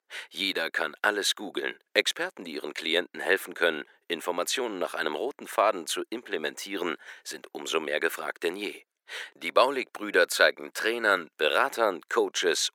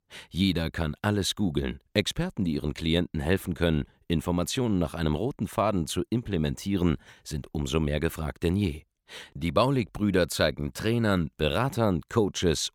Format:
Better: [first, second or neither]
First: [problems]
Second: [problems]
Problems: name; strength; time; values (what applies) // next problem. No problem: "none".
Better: second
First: thin; very; fading below 400 Hz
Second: none